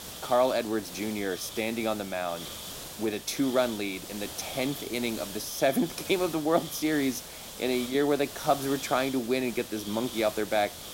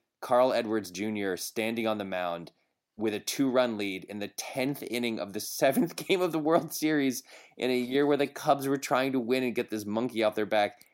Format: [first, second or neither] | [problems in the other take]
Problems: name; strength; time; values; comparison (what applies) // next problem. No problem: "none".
second | hiss; noticeable; throughout; 10 dB below the speech